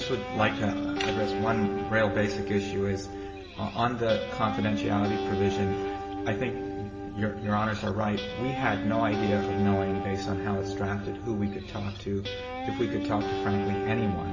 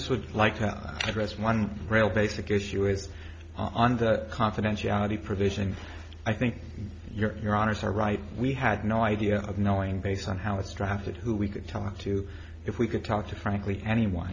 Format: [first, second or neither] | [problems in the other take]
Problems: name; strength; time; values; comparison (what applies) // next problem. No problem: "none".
second | background sound (Guitar); 3 dB below the speech // room echo; dies away in 1.5 s